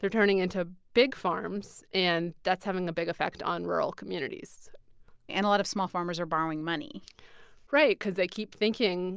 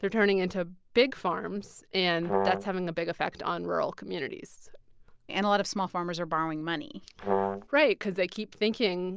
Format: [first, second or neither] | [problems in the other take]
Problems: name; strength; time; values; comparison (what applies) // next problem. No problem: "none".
first | background sound (Brass instrument); as loud as the speech